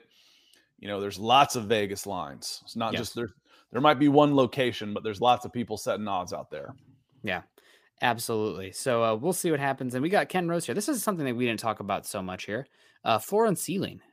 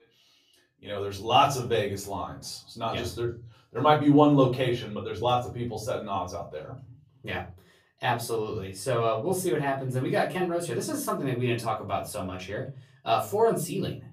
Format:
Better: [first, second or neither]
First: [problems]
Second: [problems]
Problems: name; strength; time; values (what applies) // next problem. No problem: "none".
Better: first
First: none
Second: off-mic speech; far // room echo; slight; dies away in 0.4 s